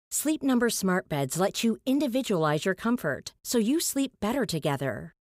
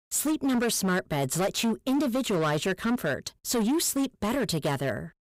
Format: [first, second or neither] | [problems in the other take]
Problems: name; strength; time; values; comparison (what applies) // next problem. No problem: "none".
first | distortion; slight; 17% of the sound clipped